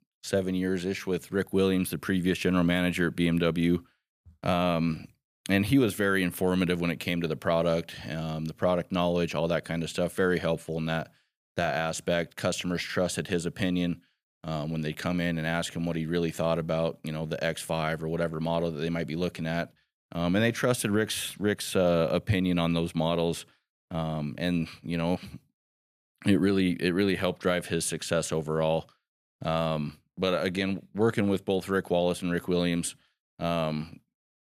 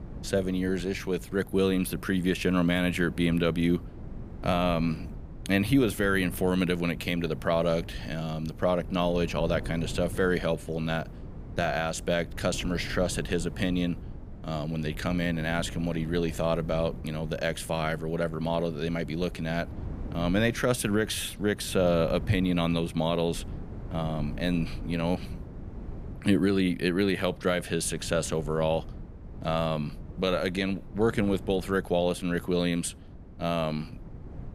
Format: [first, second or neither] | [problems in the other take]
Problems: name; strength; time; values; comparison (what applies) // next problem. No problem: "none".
first | wind noise on the microphone; occasional gusts; 20 dB below the speech